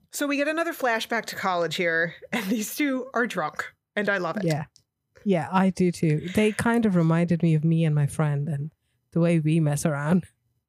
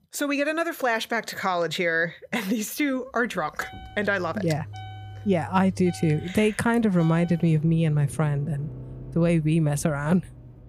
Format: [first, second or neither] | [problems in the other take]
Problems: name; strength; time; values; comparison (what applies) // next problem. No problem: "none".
first | traffic noise; noticeable; from 3 s on; 15 dB below the speech